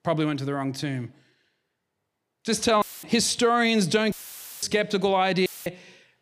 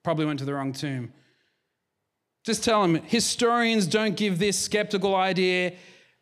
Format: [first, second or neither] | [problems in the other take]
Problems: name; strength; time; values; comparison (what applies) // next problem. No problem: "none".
second | audio cutting out; filled with static; at 3 s, at 4 s for 0.5 s and at 5.5 s